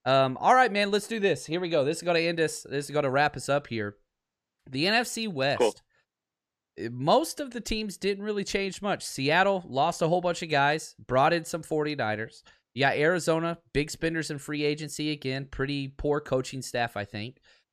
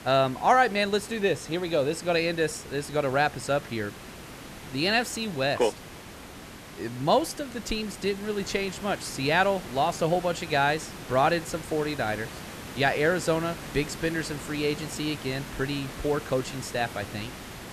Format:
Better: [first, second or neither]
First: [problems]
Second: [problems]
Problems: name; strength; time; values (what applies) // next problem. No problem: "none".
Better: first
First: none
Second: hiss; noticeable; throughout; 15 dB below the speech